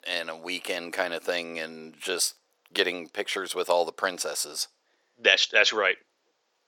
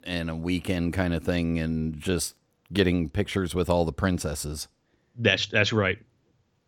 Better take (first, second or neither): second